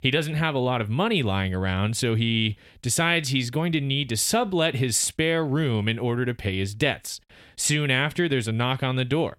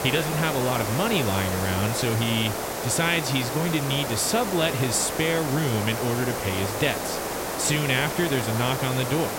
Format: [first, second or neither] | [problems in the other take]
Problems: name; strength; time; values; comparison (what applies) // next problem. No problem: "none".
first | hiss; loud; throughout; 3 dB below the speech